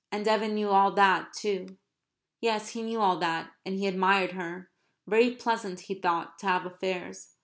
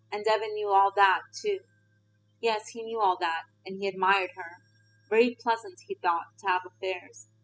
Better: first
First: none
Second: noise reduction (classical method spectral subtraction)

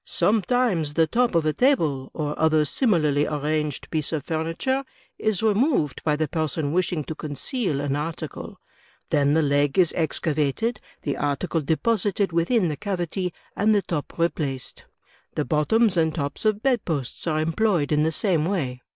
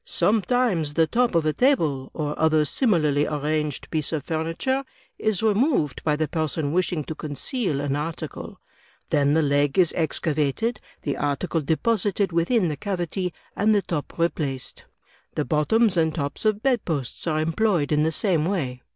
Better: second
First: noise reduction (neural mask model Resemble Enhance denoiser)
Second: none

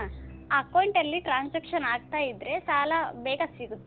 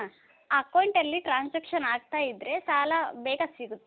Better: second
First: background sound (Musical instrument); 18 dB below the speech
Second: none

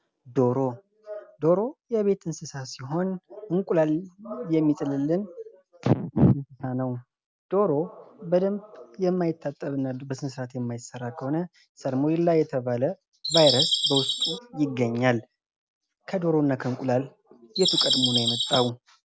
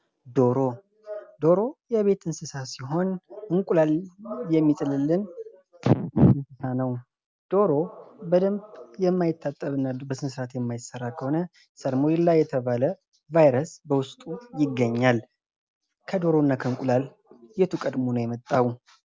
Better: second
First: background sound (Bird vocalization, bird call, bird song); 2 dB above the speech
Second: none

